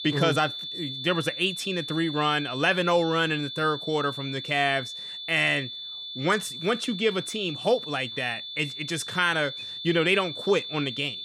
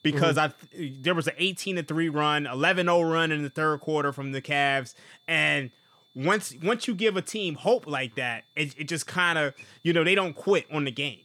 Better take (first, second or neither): second